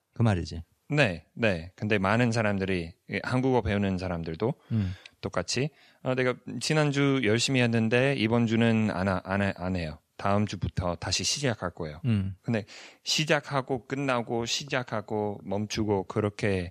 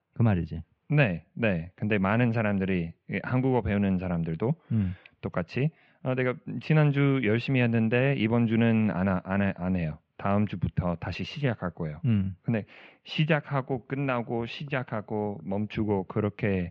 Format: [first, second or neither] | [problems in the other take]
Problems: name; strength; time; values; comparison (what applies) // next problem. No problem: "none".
first | muffled; very; fading above 2.5 kHz